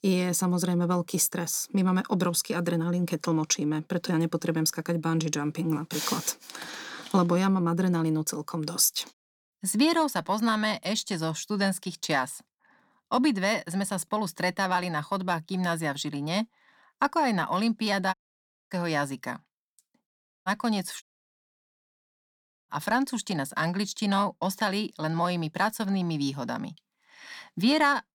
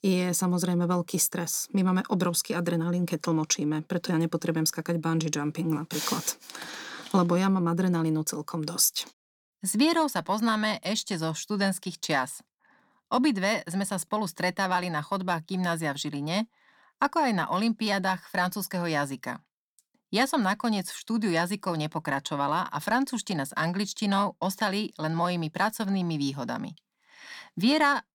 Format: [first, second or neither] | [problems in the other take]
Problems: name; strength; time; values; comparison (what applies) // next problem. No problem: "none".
second | audio cutting out; at 18 s for 0.5 s, at 20 s and at 21 s for 1.5 s